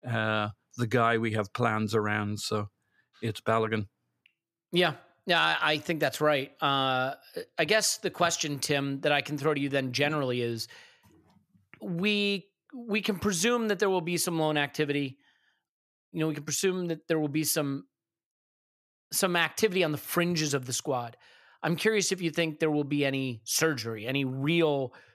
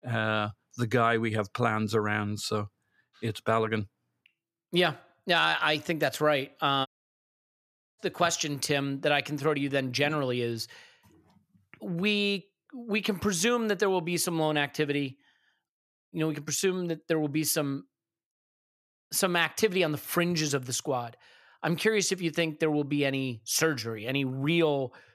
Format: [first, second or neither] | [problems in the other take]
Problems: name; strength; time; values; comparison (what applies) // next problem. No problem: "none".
first | audio cutting out; at 7 s for 1 s